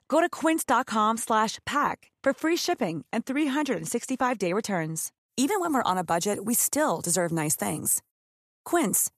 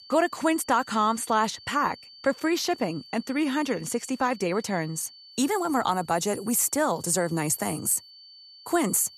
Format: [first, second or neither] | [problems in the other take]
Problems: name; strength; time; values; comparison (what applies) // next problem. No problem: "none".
first | high-pitched whine; faint; throughout; 4.5 kHz, 20 dB below the speech